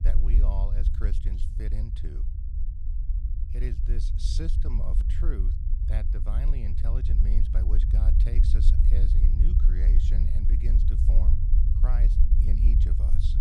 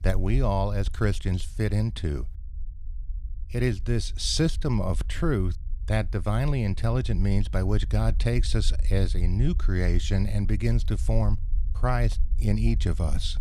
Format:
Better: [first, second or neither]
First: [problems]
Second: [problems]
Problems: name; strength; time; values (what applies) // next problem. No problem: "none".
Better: second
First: low rumble; loud; throughout; 1 dB below the speech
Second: low rumble; faint; throughout; 20 dB below the speech